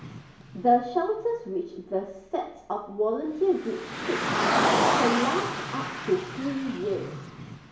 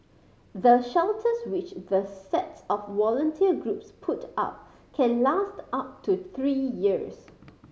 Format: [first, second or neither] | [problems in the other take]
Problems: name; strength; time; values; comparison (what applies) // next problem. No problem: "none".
second | background sound (Car); 2 dB below the speech // room echo; dies away in 0.5 s